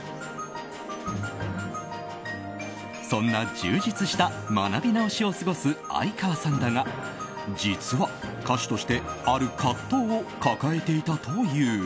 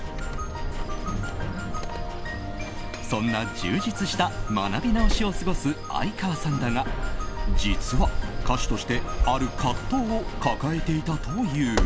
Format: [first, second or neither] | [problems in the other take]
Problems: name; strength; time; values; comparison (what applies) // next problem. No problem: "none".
first | background sound (Sliding door); as loud as the speech